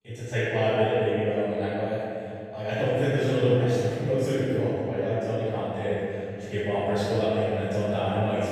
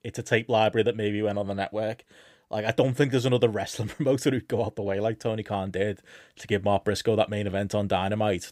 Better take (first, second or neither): second